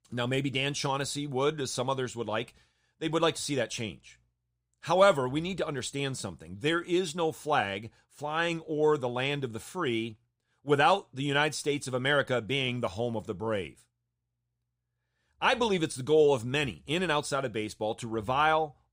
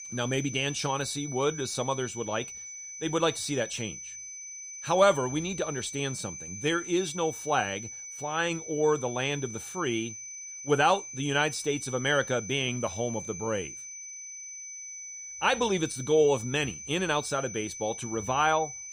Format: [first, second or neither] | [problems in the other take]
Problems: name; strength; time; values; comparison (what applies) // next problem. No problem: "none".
first | high-pitched whine; loud; throughout; 6 kHz, 10 dB below the speech